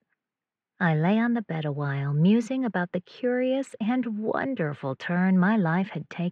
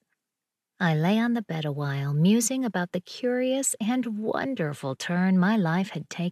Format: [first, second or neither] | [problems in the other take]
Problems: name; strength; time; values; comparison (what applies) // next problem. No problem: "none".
second | muffled; very; fading above 2 kHz